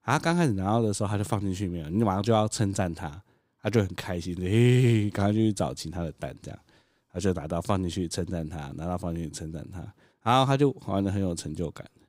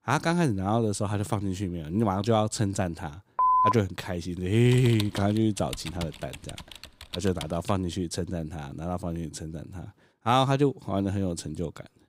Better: first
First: none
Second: phone ringing; loud; at 3.5 s; peak 6 dB above the speech // keyboard typing; noticeable; from 4.5 to 7.5 s; peak 8 dB below the speech

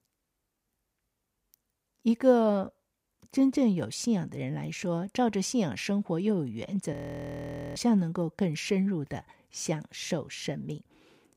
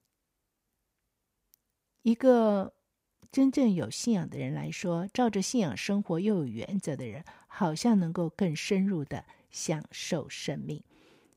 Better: second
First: audio freezing; at 7 s for 1 s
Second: none

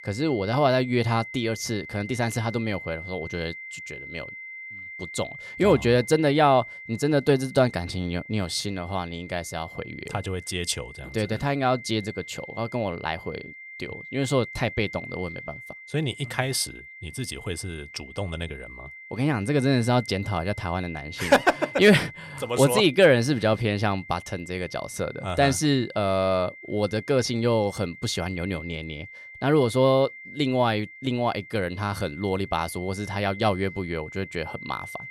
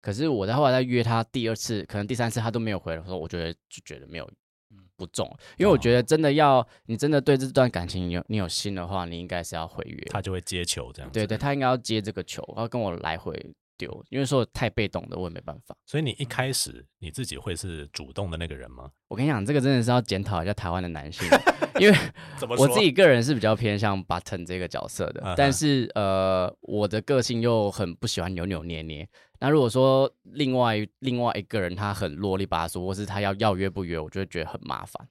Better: second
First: high-pitched whine; noticeable; throughout; 2 kHz, 15 dB below the speech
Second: none

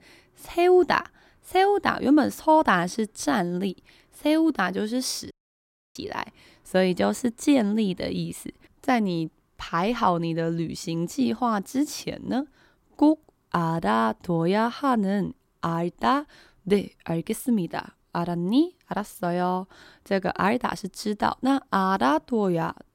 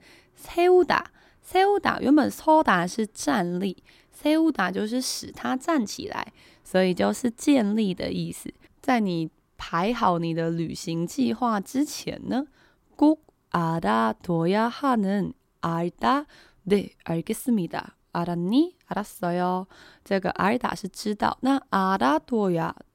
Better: second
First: audio cutting out; at 5.5 s for 0.5 s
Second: none

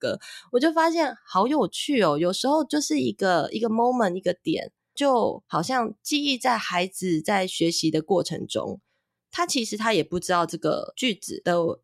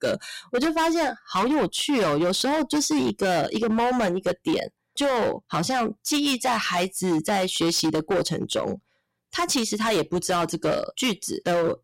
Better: first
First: none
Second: distortion; heavy; 19% of the sound clipped

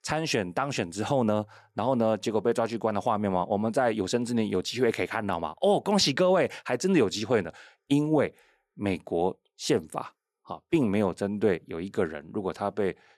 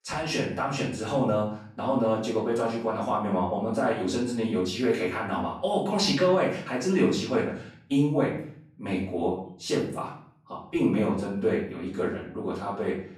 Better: first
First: none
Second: room echo; noticeable; dies away in 0.5 s // off-mic speech; far

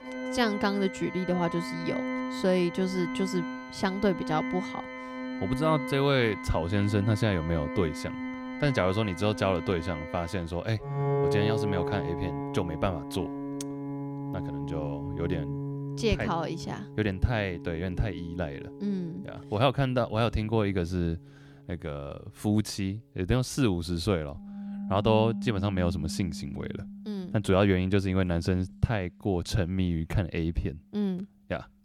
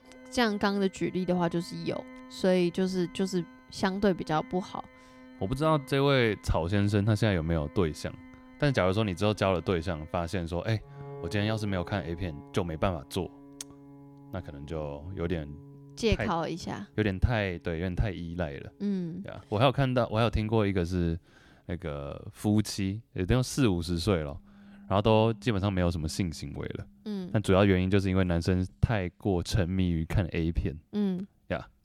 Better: second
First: background music; loud; throughout; 6 dB below the speech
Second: background music; faint; throughout; 20 dB below the speech

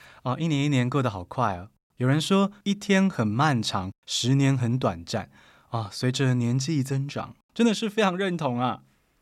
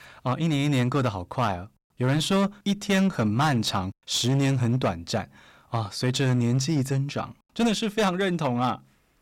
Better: first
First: none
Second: distortion; slight; 12% of the sound clipped

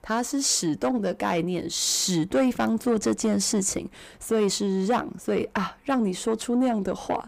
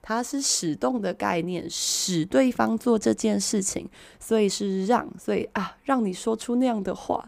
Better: second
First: distortion; slight; 10 dB below the speech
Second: none

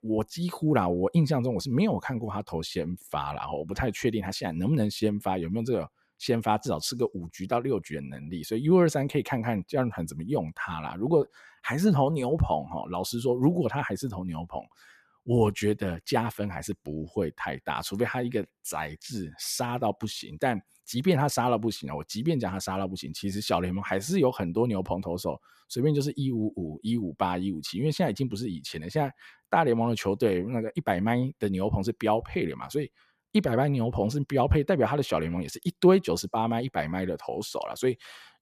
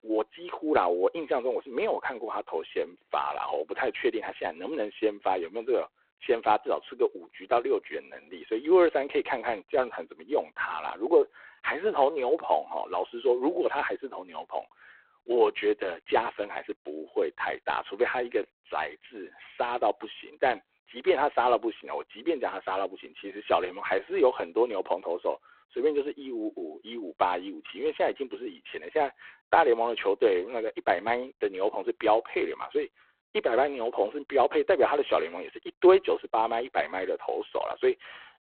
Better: first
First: none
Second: phone-call audio; poor line; nothing above 3.5 kHz

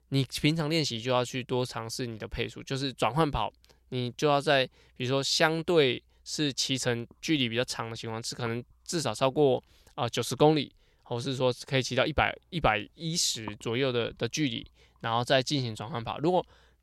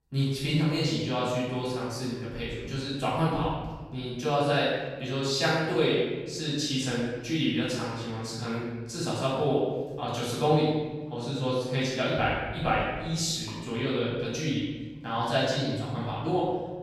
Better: first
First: none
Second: room echo; strong; dies away in 1.3 s // off-mic speech; far

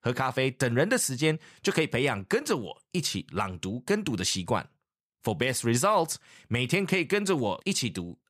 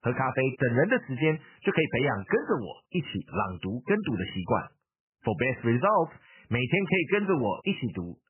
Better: first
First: none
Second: garbled, watery; badly; nothing above 3 kHz

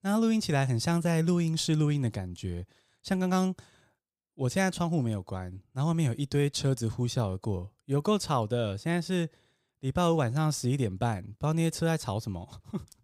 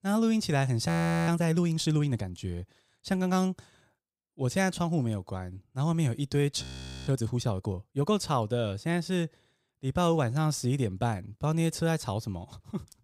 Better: first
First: none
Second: audio freezing; at 1 s and at 6.5 s

